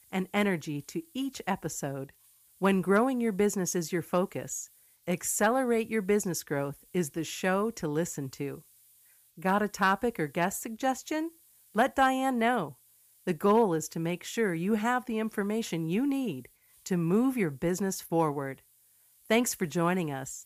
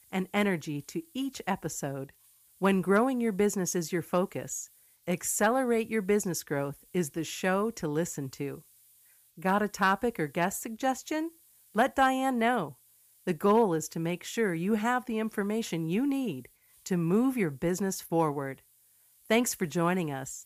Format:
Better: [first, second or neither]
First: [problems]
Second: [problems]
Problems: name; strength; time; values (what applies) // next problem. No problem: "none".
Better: neither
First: hiss; faint; throughout; 30 dB below the speech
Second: hiss; faint; throughout; 30 dB below the speech